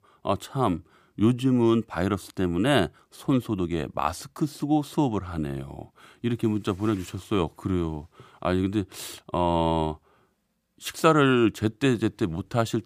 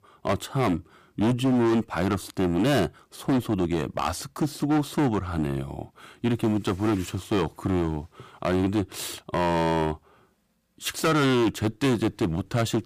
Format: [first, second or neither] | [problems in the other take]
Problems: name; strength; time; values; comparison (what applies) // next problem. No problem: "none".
first | distortion; heavy; 12% of the sound clipped